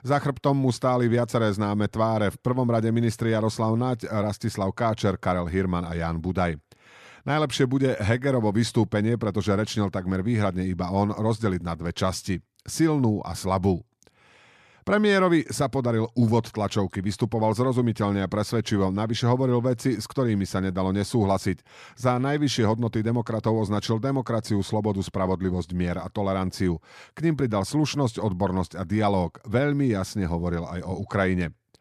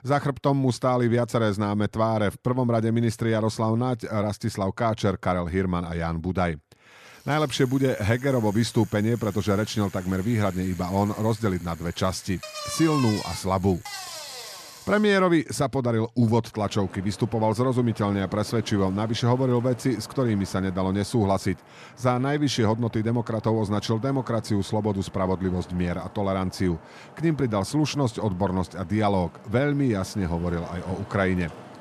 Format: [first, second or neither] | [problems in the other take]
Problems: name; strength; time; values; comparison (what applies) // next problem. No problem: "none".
first | traffic noise; noticeable; from 7 s on; 15 dB below the speech